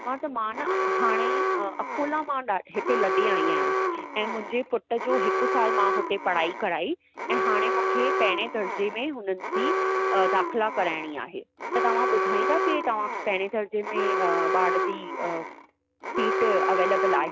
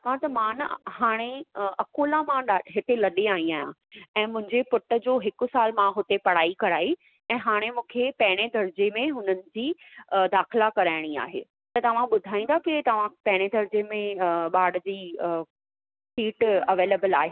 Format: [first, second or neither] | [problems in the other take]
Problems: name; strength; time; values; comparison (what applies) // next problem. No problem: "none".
second | background sound (Alarm); 1 dB above the speech